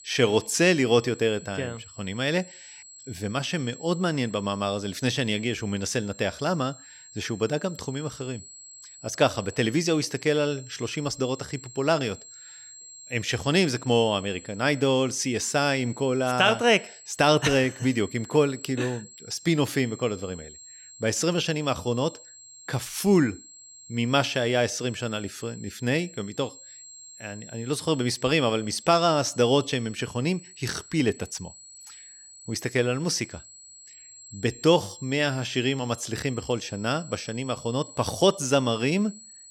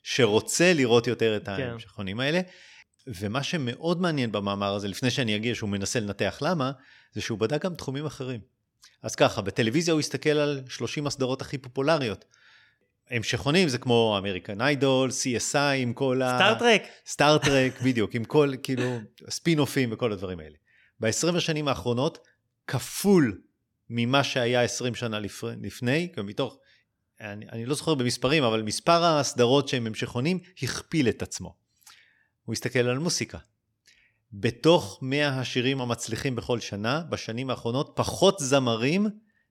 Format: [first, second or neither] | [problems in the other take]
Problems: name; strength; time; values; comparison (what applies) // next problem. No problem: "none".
second | high-pitched whine; noticeable; throughout; 7.5 kHz, 20 dB below the speech